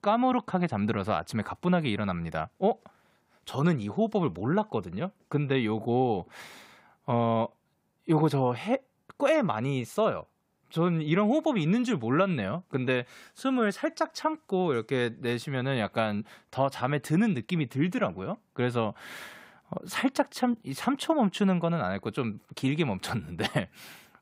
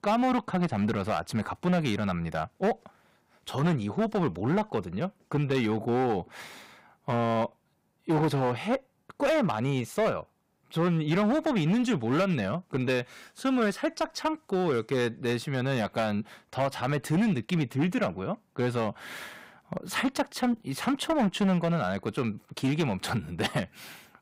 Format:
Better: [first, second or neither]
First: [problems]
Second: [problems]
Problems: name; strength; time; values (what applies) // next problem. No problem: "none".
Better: first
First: none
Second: distortion; slight; 8% of the sound clipped